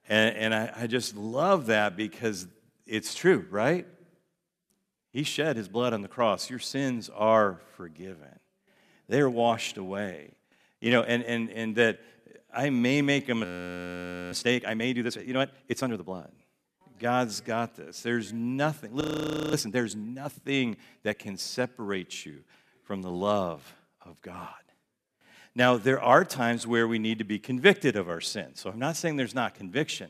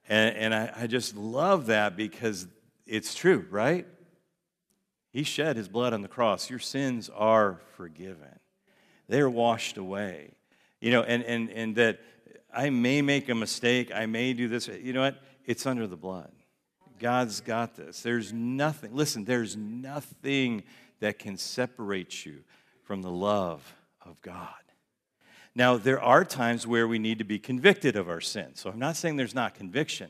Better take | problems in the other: second | audio freezing; at 13 s for 1 s and at 19 s for 0.5 s

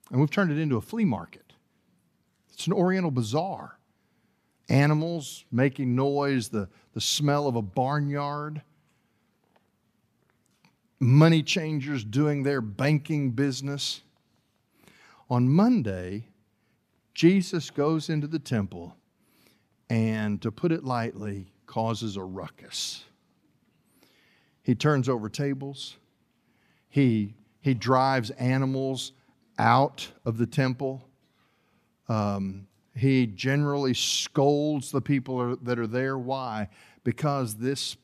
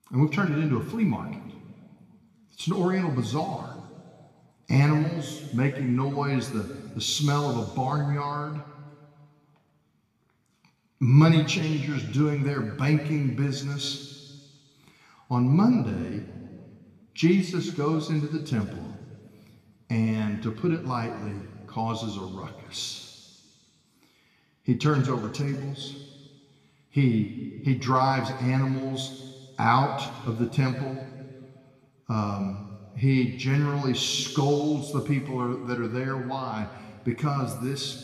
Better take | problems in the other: first | room echo; noticeable; dies away in 1.9 s

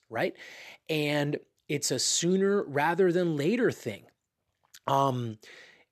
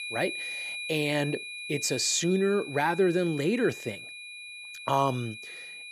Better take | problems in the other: first | high-pitched whine; loud; throughout; 2.5 kHz, 9 dB below the speech

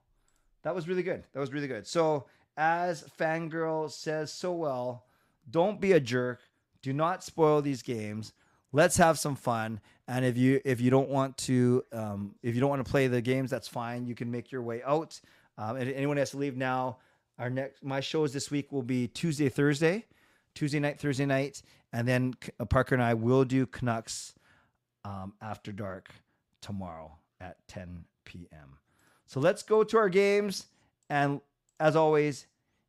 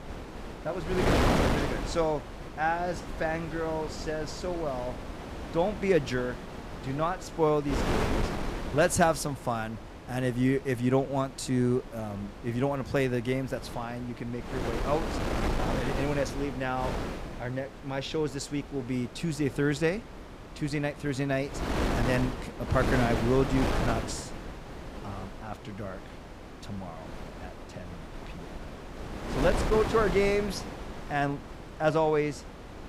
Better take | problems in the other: first | wind noise on the microphone; heavy; 6 dB below the speech

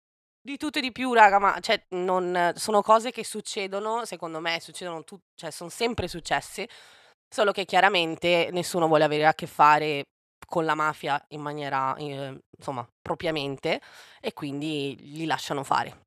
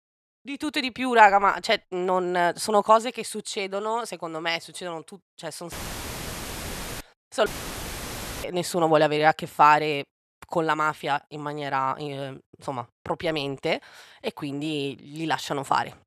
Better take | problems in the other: first | audio cutting out; filled with static; at 5.5 s for 1.5 s and at 7.5 s for 1 s

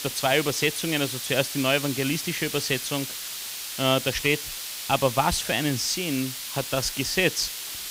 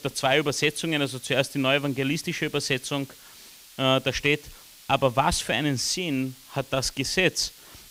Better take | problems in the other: second | hiss; loud; throughout; 6 dB below the speech; faint in the second

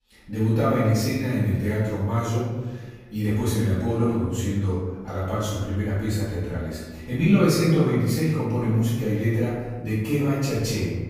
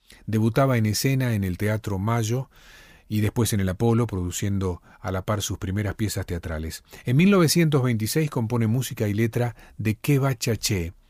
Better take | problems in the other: second | off-mic speech; far // room echo; strong; dies away in 1.2 s

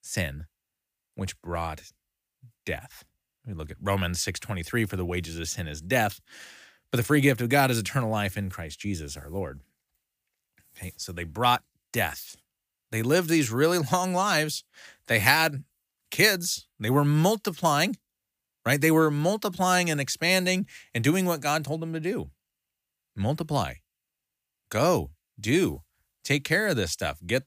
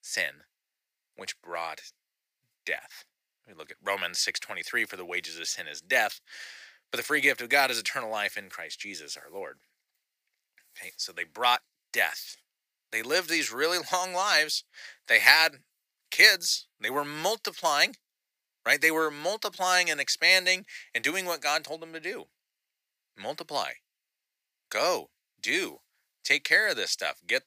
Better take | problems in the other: first | thin; very; fading below 550 Hz

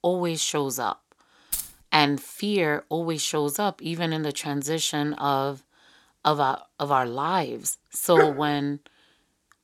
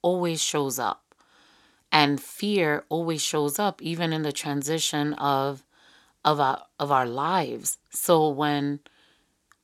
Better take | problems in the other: second | jangling keys; noticeable; at 1.5 s; peak 5 dB below the speech // dog barking; loud; at 8 s; peak 2 dB above the speech

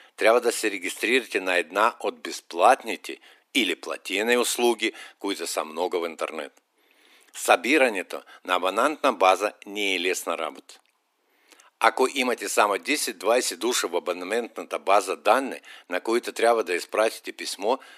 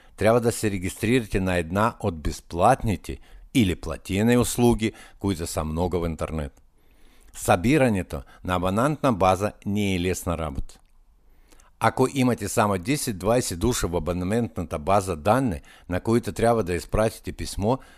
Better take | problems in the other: second | thin; somewhat; fading below 300 Hz

